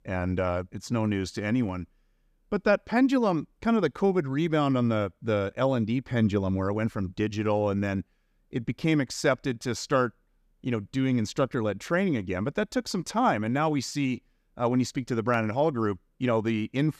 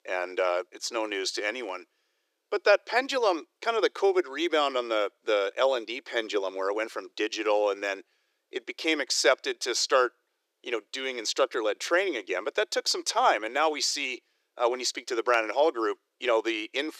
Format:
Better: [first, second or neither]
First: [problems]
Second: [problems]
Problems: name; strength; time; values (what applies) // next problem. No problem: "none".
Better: first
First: none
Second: thin; very; fading below 350 Hz